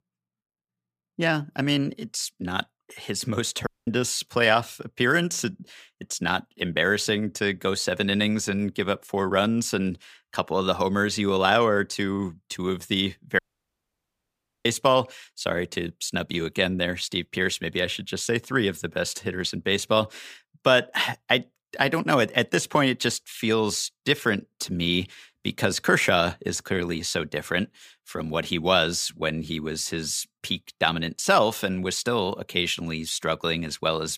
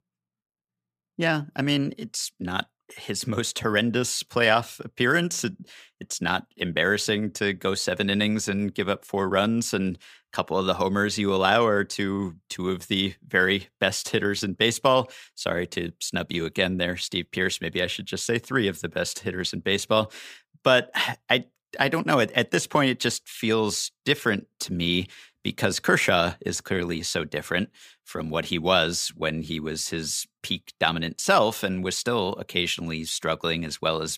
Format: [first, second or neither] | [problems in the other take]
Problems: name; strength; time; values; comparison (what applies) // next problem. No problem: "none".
second | audio cutting out; at 3.5 s and at 13 s for 1.5 s